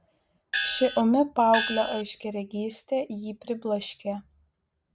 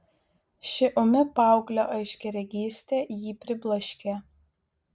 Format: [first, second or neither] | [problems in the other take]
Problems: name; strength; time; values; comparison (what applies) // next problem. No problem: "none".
second | background sound (Gong); 3 dB below the speech